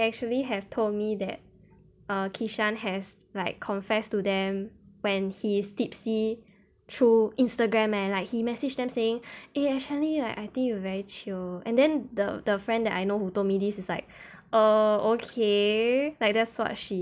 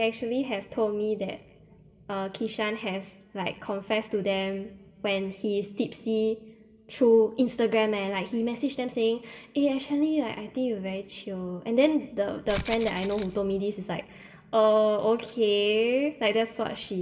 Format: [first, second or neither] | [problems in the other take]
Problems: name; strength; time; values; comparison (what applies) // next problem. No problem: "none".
first | background sound (Rattle (instrument)); 11 dB below the speech // room echo; dies away in 2.9 s